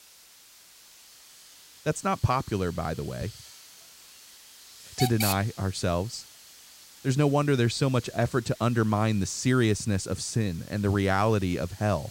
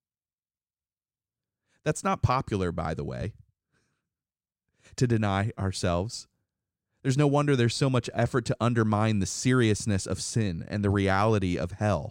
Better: second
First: hiss; noticeable; throughout; 15 dB below the speech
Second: none

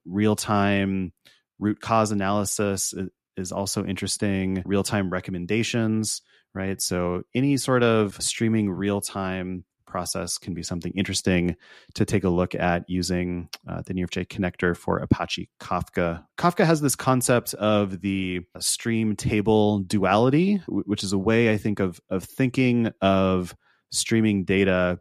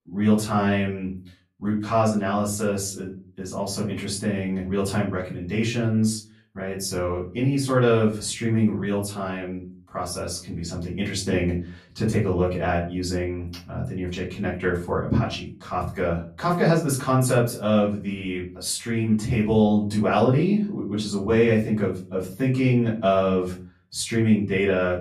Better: first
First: none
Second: off-mic speech; far // room echo; slight; dies away in 0.3 s

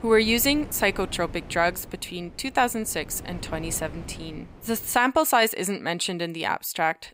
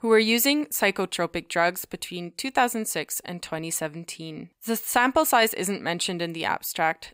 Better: second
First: wind noise on the microphone; occasional gusts; until 5 s; 20 dB below the speech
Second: none

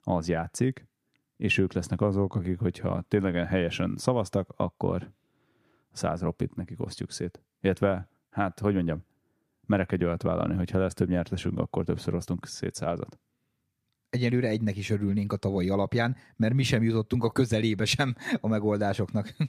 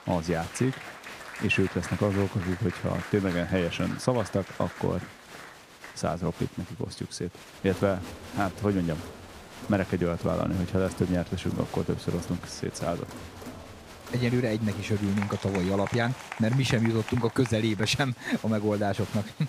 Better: first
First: none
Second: crowd noise; noticeable; throughout; 15 dB below the speech

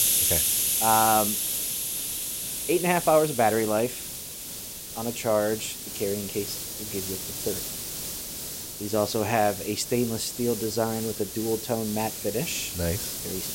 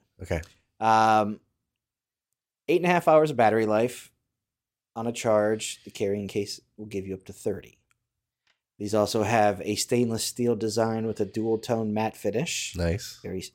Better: second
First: hiss; loud; throughout; 2 dB below the speech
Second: none

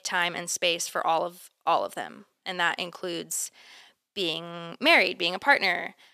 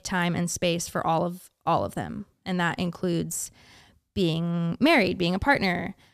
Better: second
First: thin; somewhat; fading below 450 Hz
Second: none

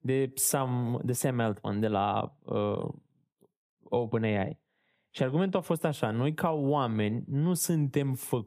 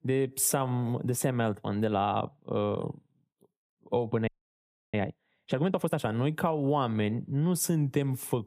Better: first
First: none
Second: audio freezing; at 4.5 s for 0.5 s

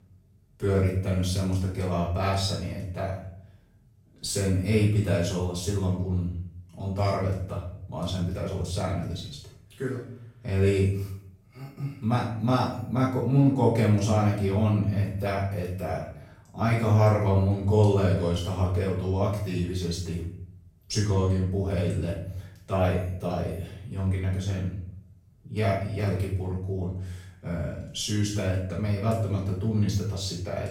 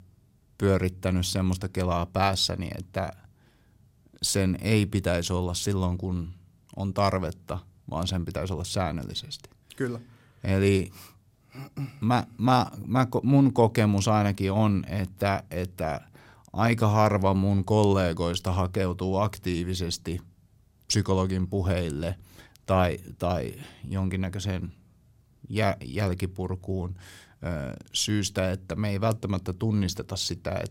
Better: second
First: off-mic speech; far // room echo; noticeable; dies away in 0.6 s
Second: none

